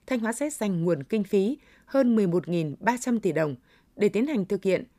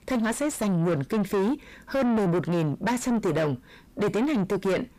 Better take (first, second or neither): first